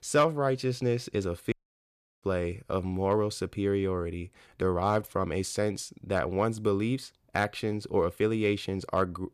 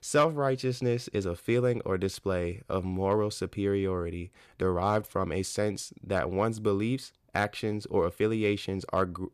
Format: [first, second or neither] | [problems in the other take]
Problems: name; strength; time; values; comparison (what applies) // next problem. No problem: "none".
second | audio cutting out; at 1.5 s for 0.5 s